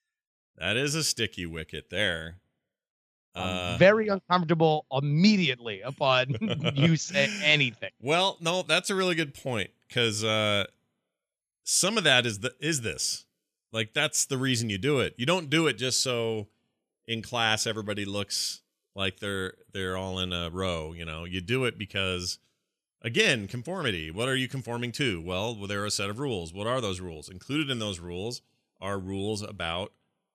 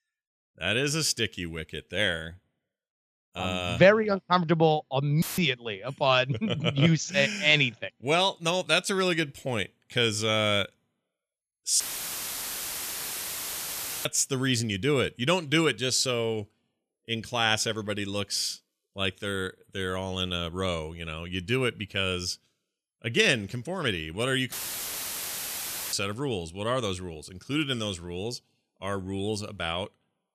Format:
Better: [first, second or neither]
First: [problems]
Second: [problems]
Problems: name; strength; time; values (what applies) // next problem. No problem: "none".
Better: first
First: none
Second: audio cutting out; filled with static; at 5 s, at 12 s for 2.5 s and at 25 s for 1.5 s